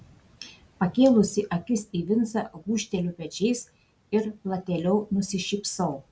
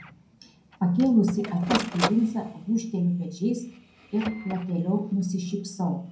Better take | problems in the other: first | background sound (Printer); 10 dB below the speech // room echo; dies away in 0.6 s

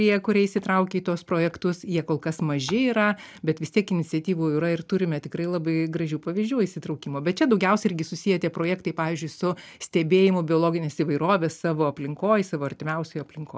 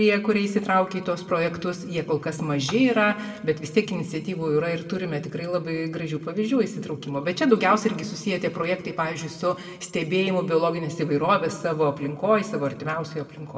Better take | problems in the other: first | room echo; dies away in 1.1 s

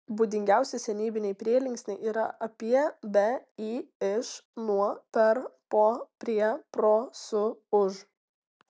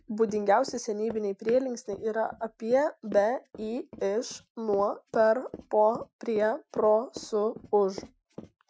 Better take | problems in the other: first | noise reduction (classical method Wiener filter)

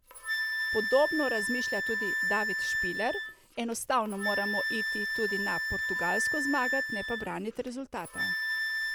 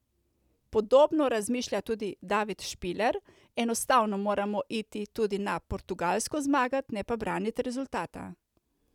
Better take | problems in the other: second | background sound (Wind instrument, woodwind instrument); 1 dB above the speech

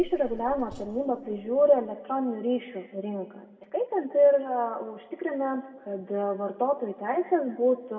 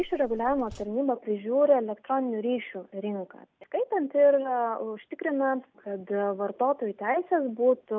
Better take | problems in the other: second | room echo; dies away in 1.2 s

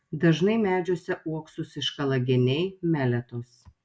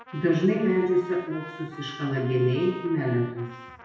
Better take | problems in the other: first | background sound (Trumpet); 17 dB below the speech // room echo; dies away in 0.8 s

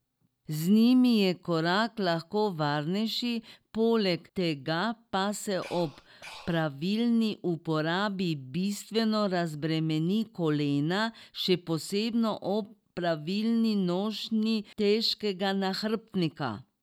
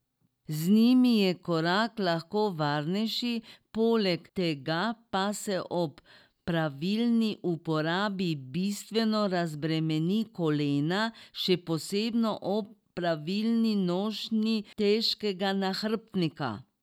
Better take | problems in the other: second | background sound (Breathing); 19 dB below the speech

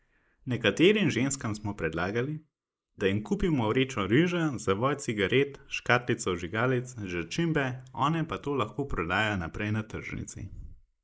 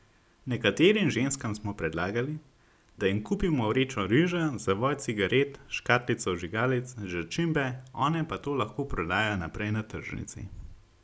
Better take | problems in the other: second | noise reduction (neural mask model Resemble Enhance denoiser)

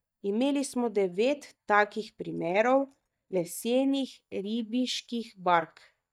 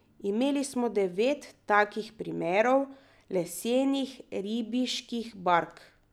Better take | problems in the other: second | noise reduction (neural mask model DeepFilterNet 3)

